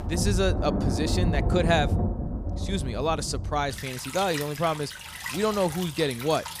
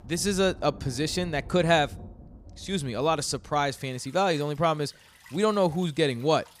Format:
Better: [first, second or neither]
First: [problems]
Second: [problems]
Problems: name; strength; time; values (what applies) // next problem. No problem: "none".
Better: second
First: rain or running water; loud; throughout; 3 dB below the speech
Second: rain or running water; faint; throughout; 20 dB below the speech